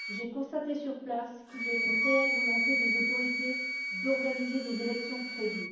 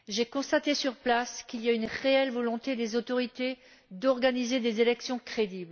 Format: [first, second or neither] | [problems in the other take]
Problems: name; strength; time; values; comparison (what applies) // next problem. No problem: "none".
second | background sound (Wind instrument, woodwind instrument); 2 dB above the speech // room echo; dies away in 1.2 s